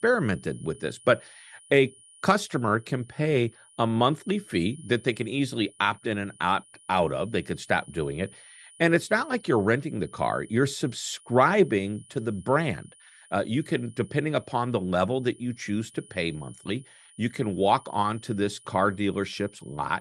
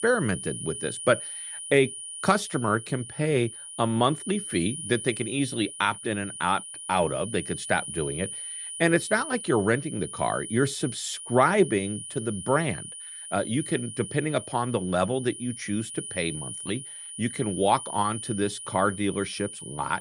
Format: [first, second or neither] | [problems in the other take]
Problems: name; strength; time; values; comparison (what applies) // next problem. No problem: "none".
first | high-pitched whine; loud; throughout; 9.5 kHz, 9 dB below the speech; faint in the first